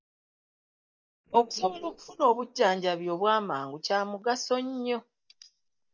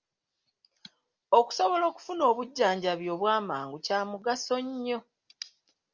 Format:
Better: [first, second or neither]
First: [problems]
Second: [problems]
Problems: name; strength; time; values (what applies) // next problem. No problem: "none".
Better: second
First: noise reduction (neural mask model DeepFilterNet 3)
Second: none